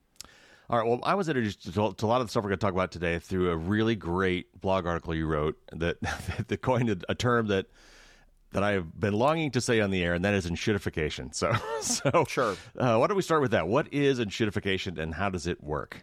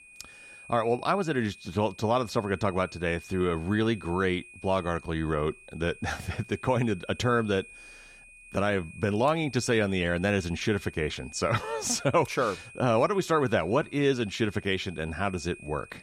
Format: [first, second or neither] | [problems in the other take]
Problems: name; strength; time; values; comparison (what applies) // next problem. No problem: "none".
first | high-pitched whine; noticeable; throughout; 2.5 kHz, 20 dB below the speech